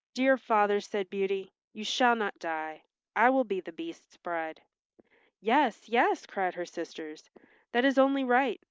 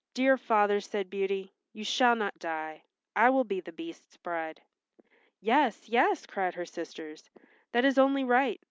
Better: second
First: noise reduction (neural mask model Resemble Enhance denoiser)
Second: none

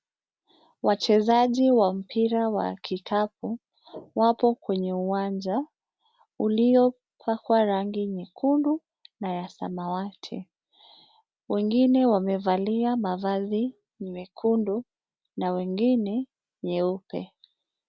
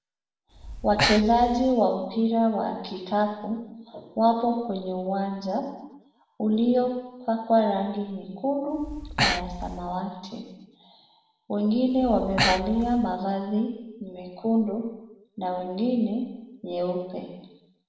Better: first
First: none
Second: background sound (Breathing); 3 dB below the speech // room echo; dies away in 0.9 s

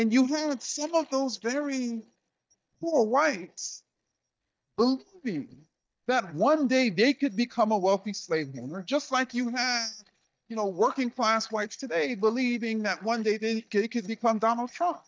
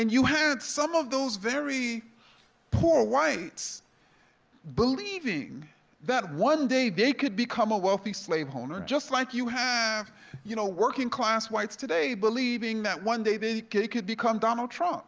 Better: second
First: noise reduction (neural mask model DeepFilterNet 3)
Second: none

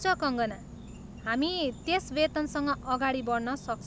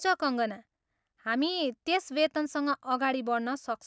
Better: second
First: background sound (Insect); 14 dB below the speech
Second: none

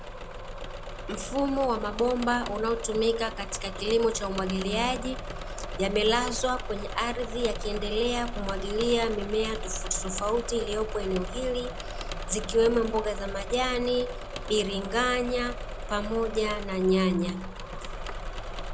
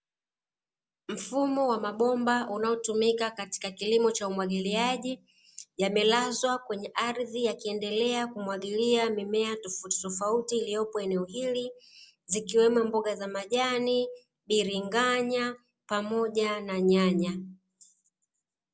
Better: second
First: background sound (Engine / Mechanisms); 6 dB below the speech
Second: none

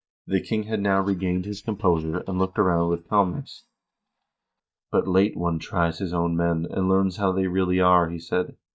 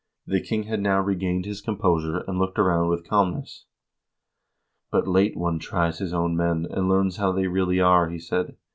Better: second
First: noise reduction (neural mask model DeepFilterNet 3)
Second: none

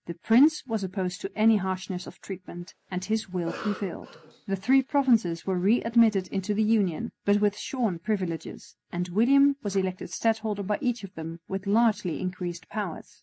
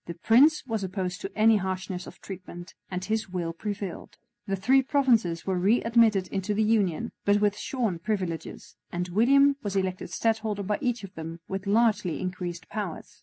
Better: second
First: background sound (Cough); 17 dB below the speech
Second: none

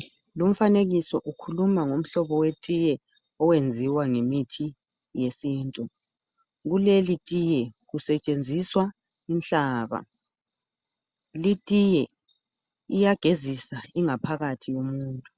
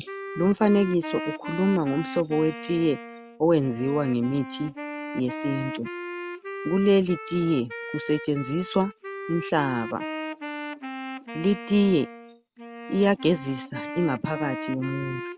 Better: first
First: none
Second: background sound (Wind instrument, woodwind instrument); 10 dB below the speech

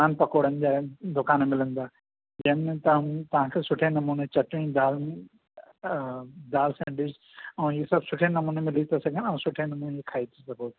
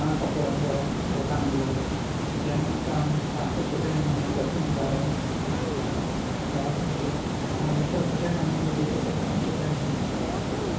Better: first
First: none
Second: background sound (Water); 3 dB above the speech // room echo; dies away in 0.6 s

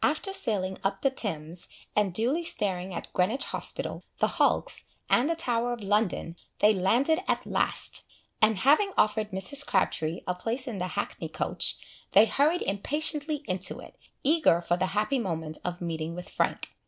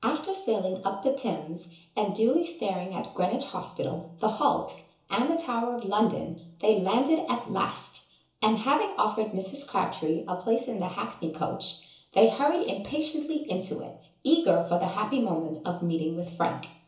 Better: first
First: none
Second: room echo; dies away in 0.7 s

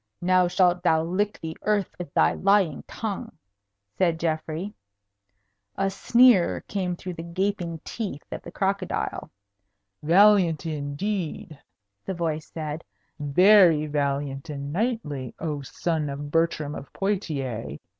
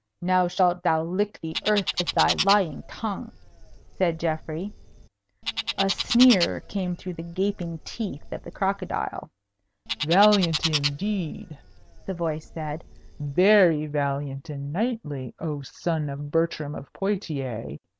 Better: first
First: none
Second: background sound (Bird); 7 dB below the speech

